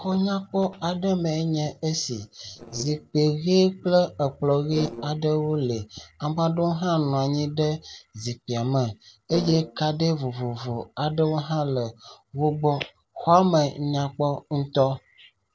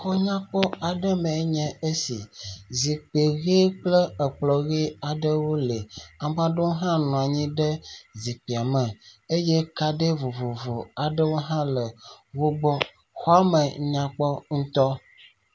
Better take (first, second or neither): second